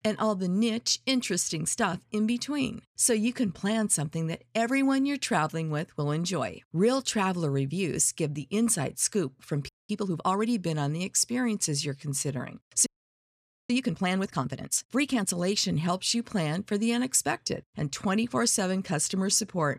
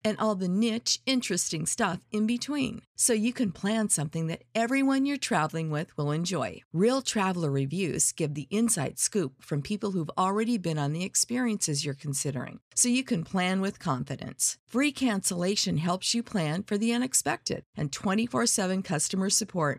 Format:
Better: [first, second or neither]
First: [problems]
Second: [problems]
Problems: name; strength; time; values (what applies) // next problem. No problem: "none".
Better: second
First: audio freezing; at 9.5 s and at 13 s for 1 s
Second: none